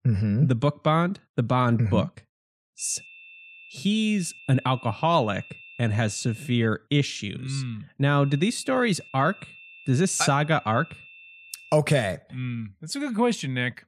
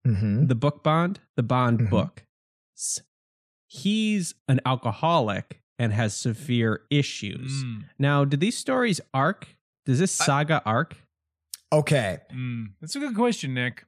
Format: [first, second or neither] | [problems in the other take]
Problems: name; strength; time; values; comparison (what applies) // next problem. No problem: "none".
second | high-pitched whine; faint; from 3 to 6.5 s and from 8 to 12 s; 2.5 kHz, 20 dB below the speech